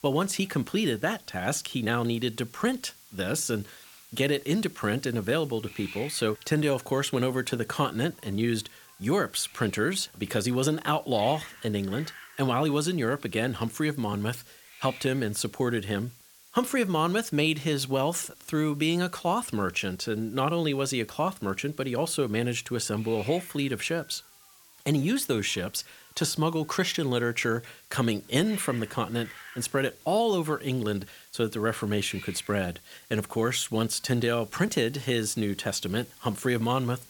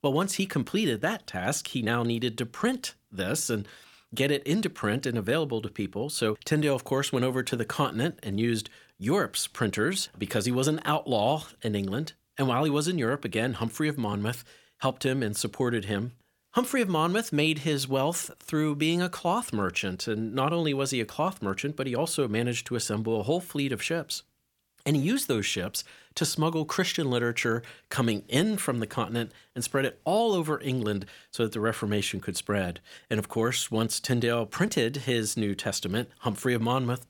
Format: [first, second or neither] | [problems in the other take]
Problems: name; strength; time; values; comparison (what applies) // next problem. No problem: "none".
second | hiss; faint; throughout; 20 dB below the speech